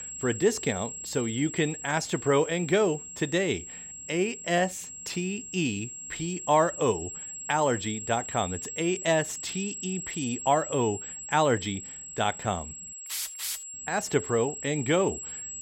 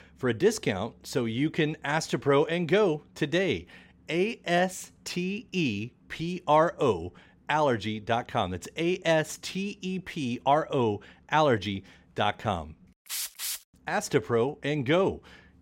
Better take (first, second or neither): second